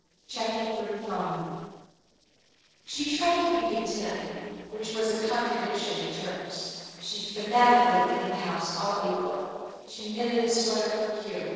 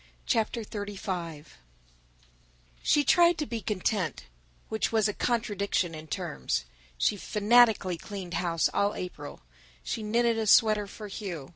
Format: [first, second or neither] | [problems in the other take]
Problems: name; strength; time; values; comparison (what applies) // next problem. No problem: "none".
second | noise reduction (neural separator model SepFormer DNS4)